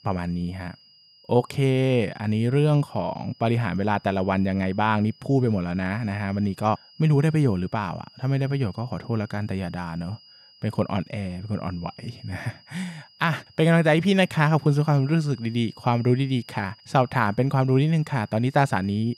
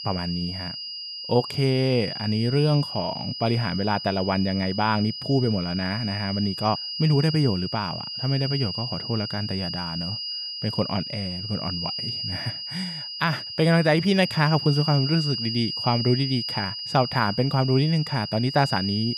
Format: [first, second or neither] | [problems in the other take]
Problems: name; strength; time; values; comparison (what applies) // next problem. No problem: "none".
first | high-pitched whine; loud; throughout; 5 kHz, 5 dB below the speech; faint in the first